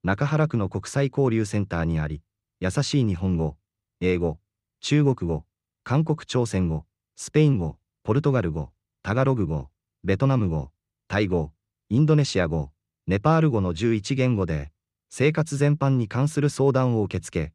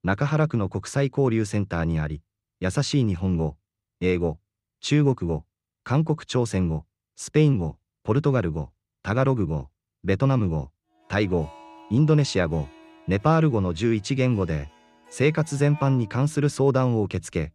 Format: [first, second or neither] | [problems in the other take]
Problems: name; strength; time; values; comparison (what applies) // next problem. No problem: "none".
first | background music; faint; from 11 s on; 25 dB below the speech